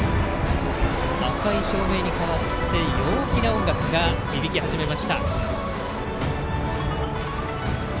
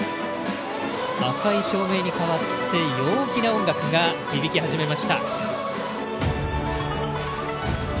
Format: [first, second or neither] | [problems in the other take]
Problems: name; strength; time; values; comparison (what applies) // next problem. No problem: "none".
second | background sound (Engine / Aircraft); as loud as the speech